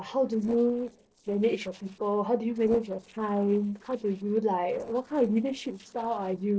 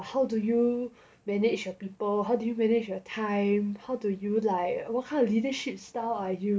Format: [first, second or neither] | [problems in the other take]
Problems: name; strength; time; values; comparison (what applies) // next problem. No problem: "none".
second | noise reduction (neural separator model SepFormer DNS4)